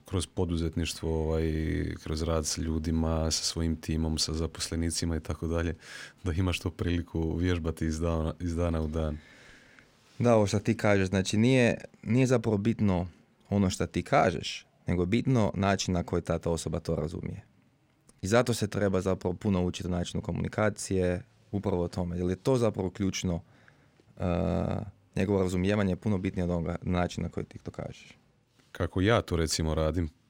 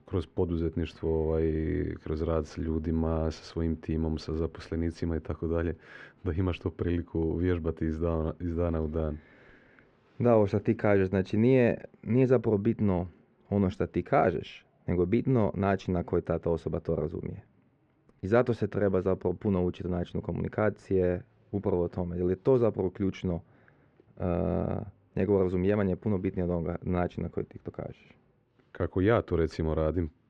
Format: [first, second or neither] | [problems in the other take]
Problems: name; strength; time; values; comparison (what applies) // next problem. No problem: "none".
first | muffled; very; fading above 2 kHz